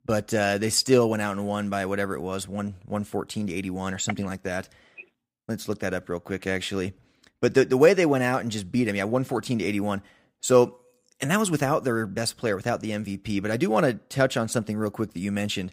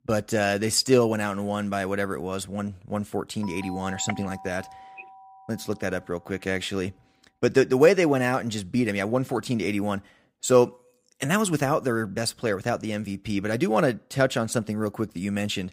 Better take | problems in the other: first | doorbell; faint; from 3.5 to 6 s; peak 15 dB below the speech

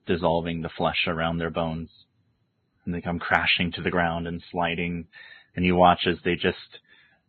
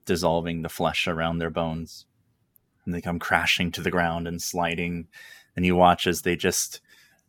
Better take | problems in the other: second | garbled, watery; badly; nothing above 4 kHz

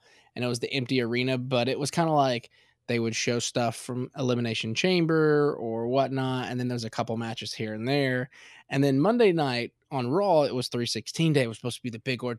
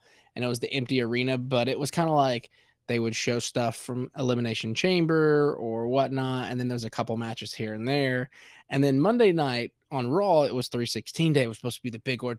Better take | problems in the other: first | garbled, watery; slightly; nothing above 15.5 kHz

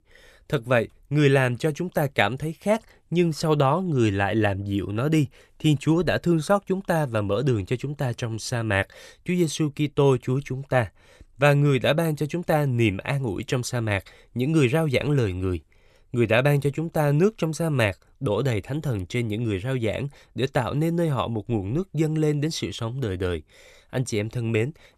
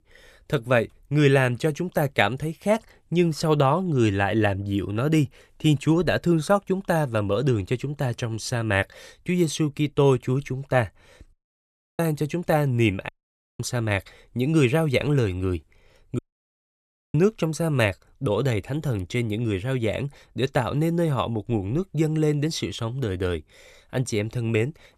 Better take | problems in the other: first | audio cutting out; at 11 s for 0.5 s, at 13 s for 0.5 s and at 16 s for 1 s

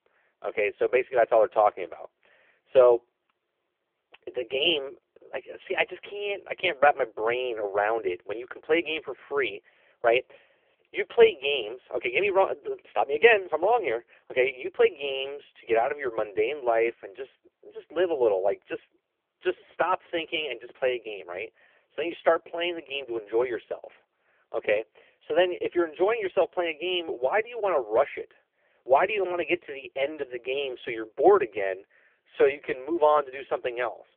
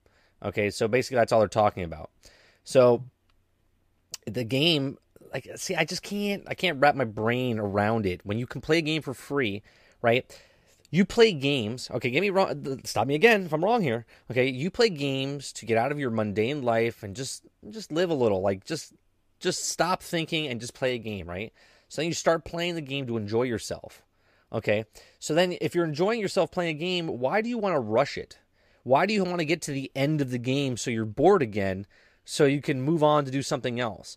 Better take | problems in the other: second | phone-call audio; poor line; nothing above 3 kHz

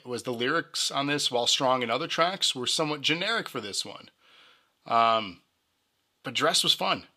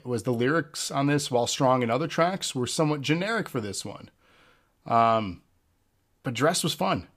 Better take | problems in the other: second | thin; very slightly; fading below 350 Hz

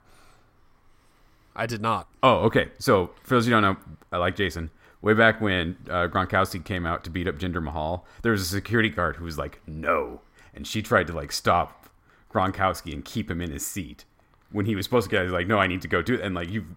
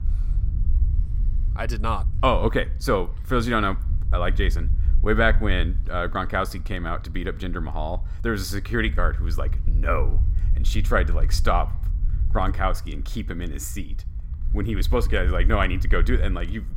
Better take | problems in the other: first | low rumble; faint; throughout; 20 dB below the speech

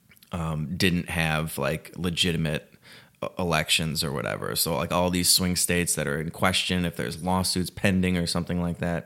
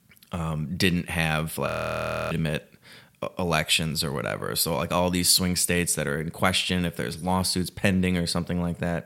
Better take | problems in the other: first | audio freezing; at 1.5 s for 0.5 s

